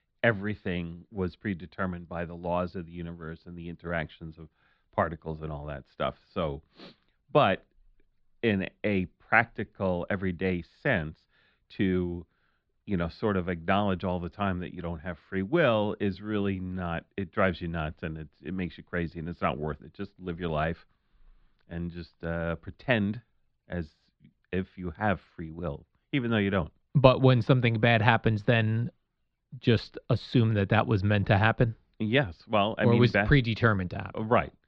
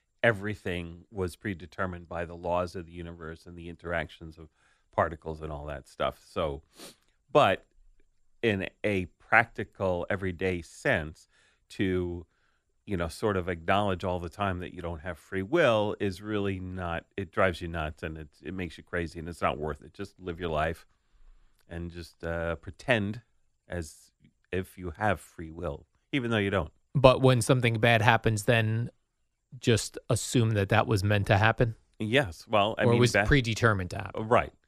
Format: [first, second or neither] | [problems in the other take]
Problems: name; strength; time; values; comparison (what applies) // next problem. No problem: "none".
second | muffled; very slightly; fading above 4 kHz